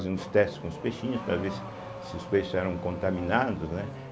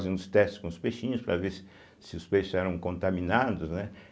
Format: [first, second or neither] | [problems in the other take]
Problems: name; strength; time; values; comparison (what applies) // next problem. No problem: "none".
second | background sound (Accelerating, revving, vroom / Car); 9 dB below the speech